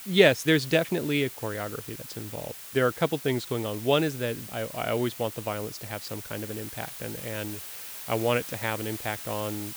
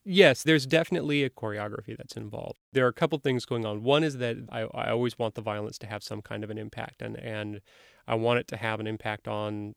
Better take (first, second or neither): second